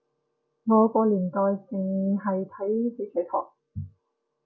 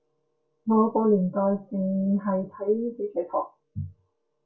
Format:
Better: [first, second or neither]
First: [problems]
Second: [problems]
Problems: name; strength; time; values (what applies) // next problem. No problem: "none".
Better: first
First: none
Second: room echo; dies away in 0.2 s